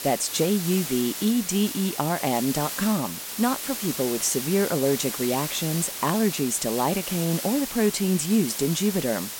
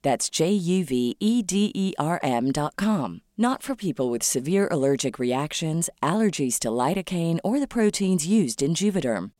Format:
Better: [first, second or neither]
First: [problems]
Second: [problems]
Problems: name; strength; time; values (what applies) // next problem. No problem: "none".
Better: second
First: hiss; loud; throughout; 5 dB below the speech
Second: none